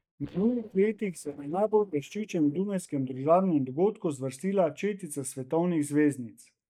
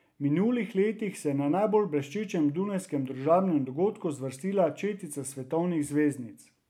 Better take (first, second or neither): second